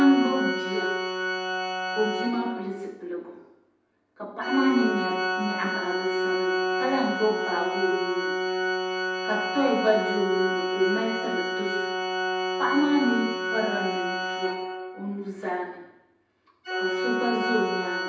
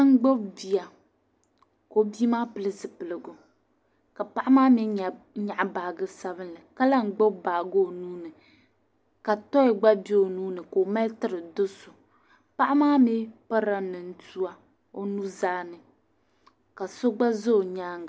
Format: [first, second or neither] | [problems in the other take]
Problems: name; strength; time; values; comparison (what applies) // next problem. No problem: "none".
second | background sound (Organ); 1 dB below the speech // room echo; dies away in 0.9 s